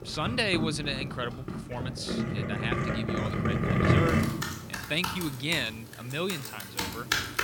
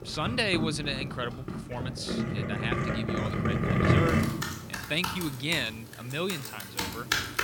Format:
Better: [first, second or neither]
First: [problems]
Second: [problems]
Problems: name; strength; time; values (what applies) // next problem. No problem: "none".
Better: neither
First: household noises; very loud; throughout; 2 dB above the speech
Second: household noises; very loud; throughout; 2 dB above the speech